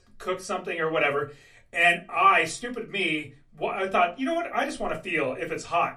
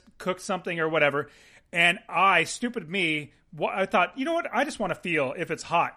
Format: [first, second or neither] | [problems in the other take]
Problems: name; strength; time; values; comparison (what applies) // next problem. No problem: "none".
second | off-mic speech; somewhat distant // room echo; very slight; dies away in 0.2 s